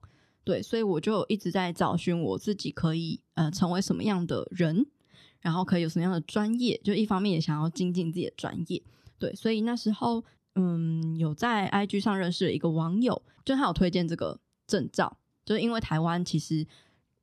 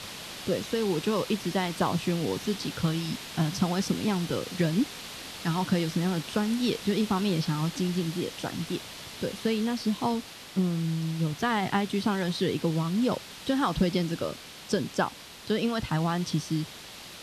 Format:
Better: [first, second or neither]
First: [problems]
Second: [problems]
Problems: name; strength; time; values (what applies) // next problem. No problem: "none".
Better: first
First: none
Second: hiss; noticeable; throughout; 10 dB below the speech